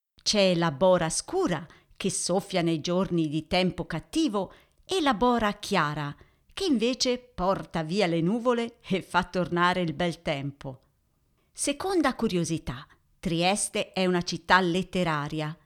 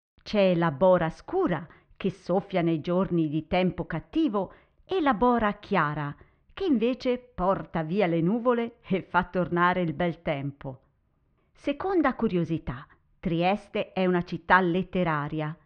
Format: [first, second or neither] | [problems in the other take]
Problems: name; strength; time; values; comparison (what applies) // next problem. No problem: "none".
first | muffled; very; fading above 2.5 kHz